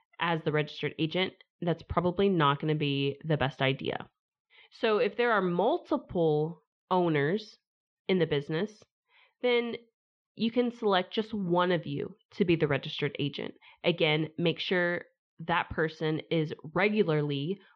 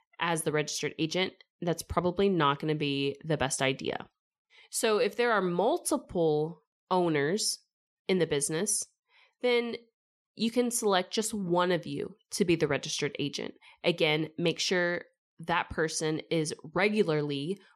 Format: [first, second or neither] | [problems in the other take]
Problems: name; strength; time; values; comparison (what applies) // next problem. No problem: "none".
second | muffled; very; fading above 3.5 kHz